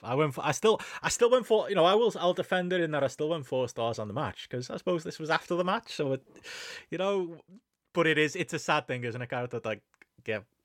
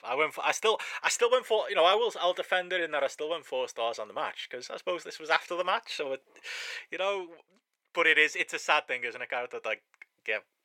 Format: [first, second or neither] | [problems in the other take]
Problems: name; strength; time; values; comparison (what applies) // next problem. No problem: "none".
first | thin; very; fading below 600 Hz